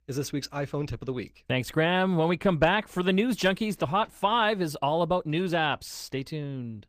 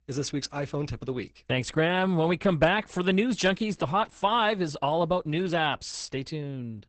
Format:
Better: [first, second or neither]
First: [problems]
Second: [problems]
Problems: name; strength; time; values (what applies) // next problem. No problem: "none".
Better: first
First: garbled, watery; slightly; nothing above 15 kHz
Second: garbled, watery; badly; nothing above 8 kHz